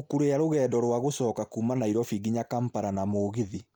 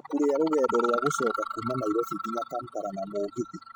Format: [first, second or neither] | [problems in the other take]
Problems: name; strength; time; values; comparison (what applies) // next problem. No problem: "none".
first | noise reduction (classical method spectral subtraction)